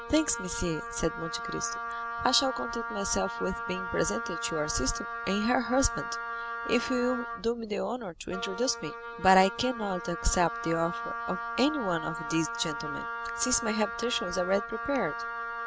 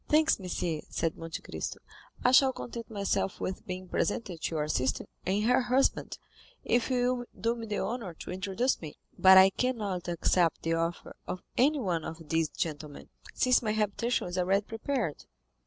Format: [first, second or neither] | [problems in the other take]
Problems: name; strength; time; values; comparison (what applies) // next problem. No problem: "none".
second | background sound (Wind instrument, woodwind instrument); 6 dB below the speech